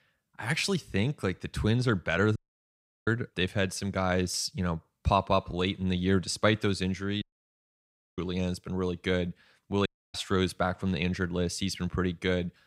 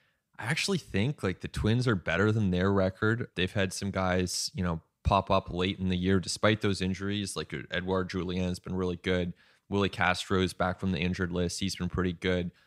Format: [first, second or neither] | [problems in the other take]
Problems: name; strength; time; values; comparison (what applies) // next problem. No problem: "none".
second | audio cutting out; at 2.5 s for 0.5 s, at 7 s for 1 s and at 10 s